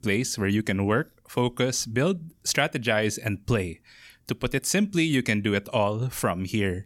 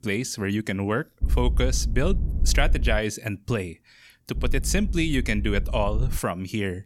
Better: first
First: none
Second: low rumble; noticeable; from 1 to 3 s and from 4.5 to 6 s; 20 dB below the speech

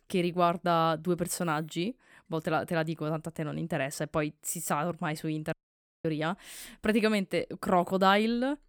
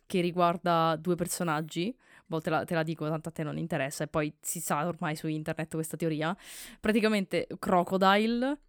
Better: second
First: audio cutting out; at 5.5 s for 0.5 s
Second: none

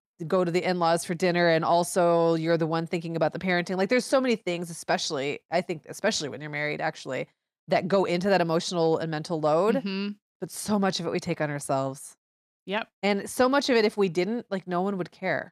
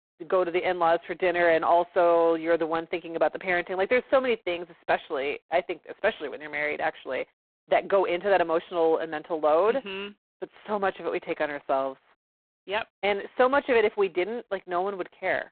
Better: first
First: none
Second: phone-call audio; poor line; nothing above 4 kHz

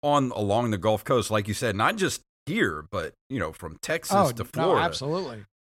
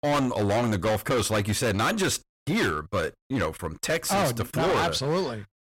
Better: first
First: none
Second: distortion; heavy; 20% of the sound clipped

